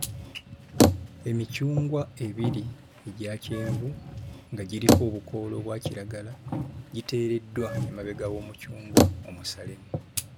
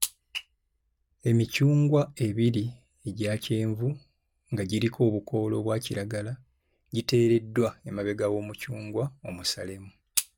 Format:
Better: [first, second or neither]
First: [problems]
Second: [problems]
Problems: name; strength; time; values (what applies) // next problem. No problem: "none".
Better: second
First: background sound (Bicycle); 4 dB above the speech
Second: none